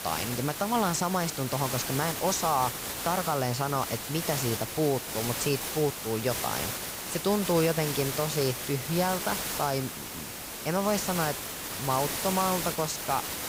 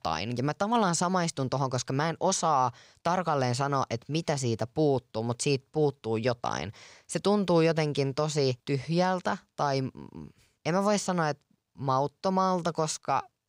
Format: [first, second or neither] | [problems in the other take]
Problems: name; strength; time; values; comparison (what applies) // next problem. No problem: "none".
second | hiss; loud; throughout; 3 dB below the speech